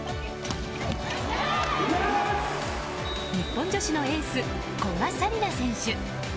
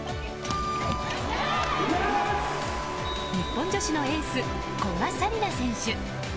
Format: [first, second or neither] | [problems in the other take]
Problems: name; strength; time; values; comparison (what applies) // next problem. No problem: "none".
first | background sound (Harmonica); 9 dB below the speech